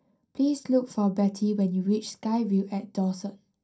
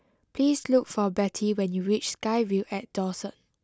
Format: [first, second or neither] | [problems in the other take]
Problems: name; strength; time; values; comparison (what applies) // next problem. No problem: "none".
second | room echo; dies away in 0.3 s